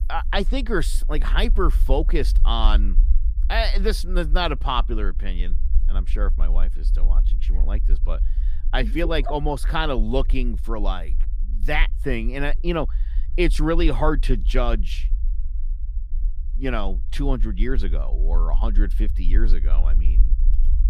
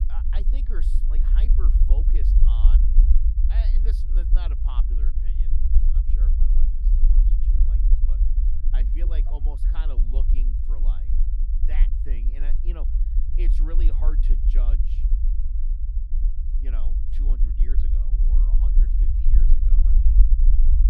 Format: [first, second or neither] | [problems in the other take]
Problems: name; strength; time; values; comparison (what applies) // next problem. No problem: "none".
first | low rumble; loud; throughout; as loud as the speech; faint in the first